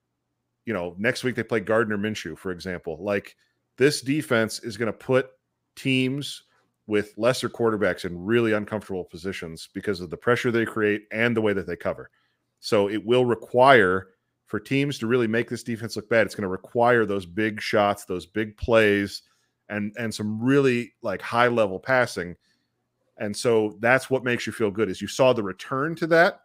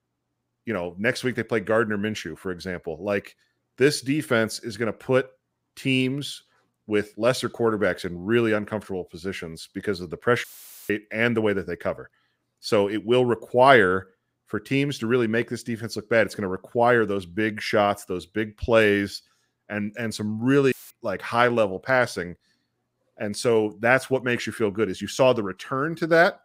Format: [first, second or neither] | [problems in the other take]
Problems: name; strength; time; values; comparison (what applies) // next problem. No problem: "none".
first | audio cutting out; filled with static; at 10 s and at 21 s